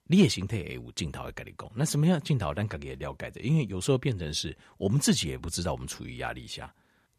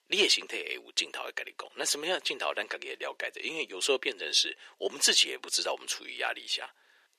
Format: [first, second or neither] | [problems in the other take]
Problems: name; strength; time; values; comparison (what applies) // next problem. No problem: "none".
first | thin; very; fading below 350 Hz